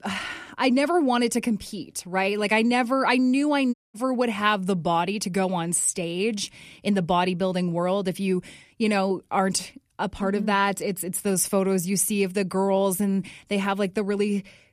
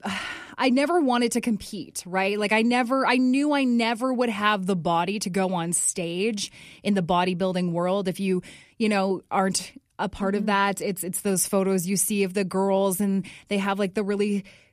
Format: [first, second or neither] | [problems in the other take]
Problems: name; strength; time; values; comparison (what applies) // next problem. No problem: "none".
second | audio cutting out; at 3.5 s